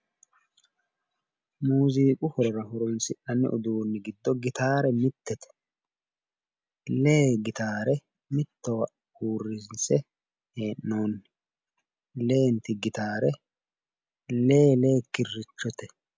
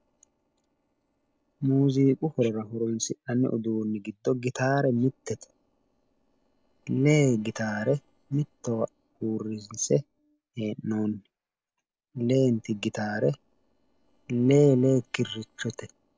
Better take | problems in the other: first | noise reduction (neural separator model SepFormer DNS4)

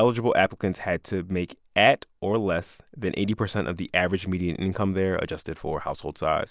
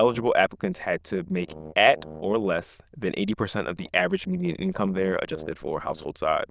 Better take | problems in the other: first | noise reduction (neural diffusion model UNIVERSE++)

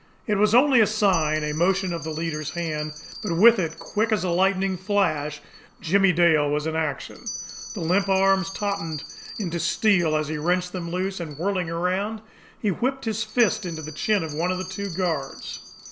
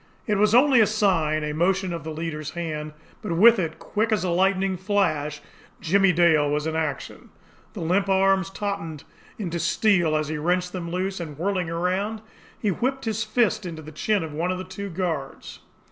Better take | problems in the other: second | background sound (Bell); 15 dB below the speech

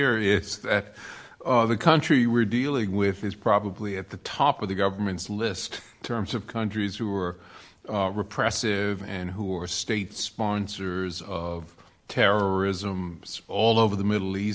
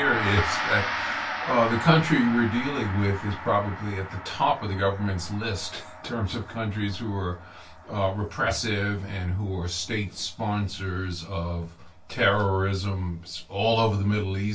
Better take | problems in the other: first | background sound (Gong); 10 dB below the speech // room echo; dies away in 0.2 s

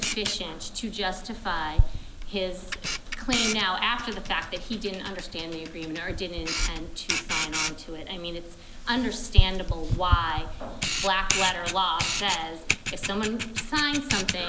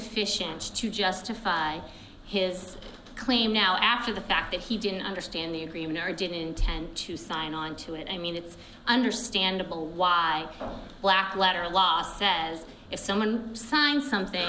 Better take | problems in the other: second | background sound (Camera); 1 dB above the speech

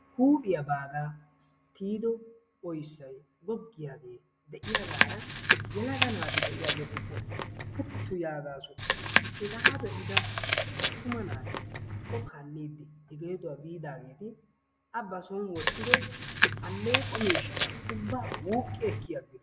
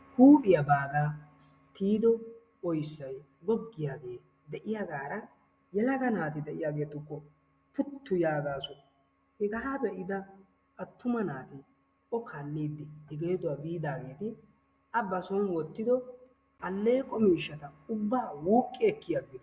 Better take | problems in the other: second | background sound (Chewing, mastication); 5 dB above the speech

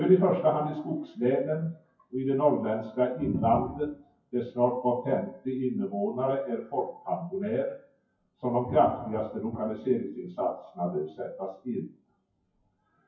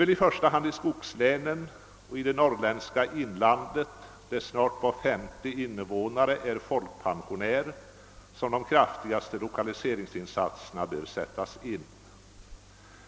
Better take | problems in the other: second | noise reduction (classical method WPE with log-MMSE)

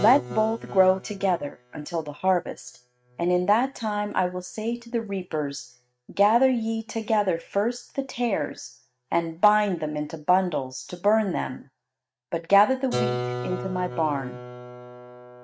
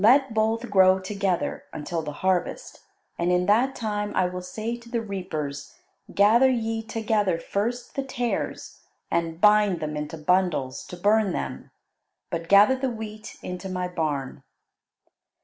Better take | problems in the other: second | noise reduction (neural mask model RNNoise)

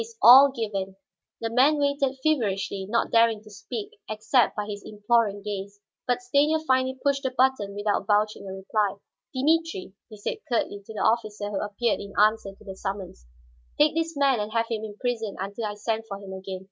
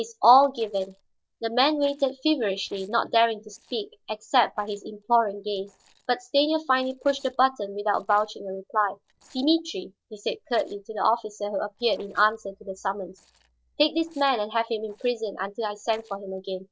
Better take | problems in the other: first | noise reduction (neural separator model SepFormer DNS4)

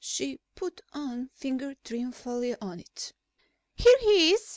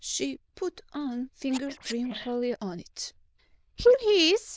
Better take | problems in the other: first | noise reduction (neural diffusion model UNIVERSE++)

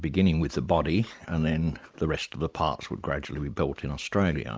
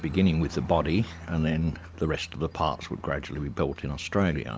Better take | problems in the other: first | background sound (Aircraft); 17 dB below the speech

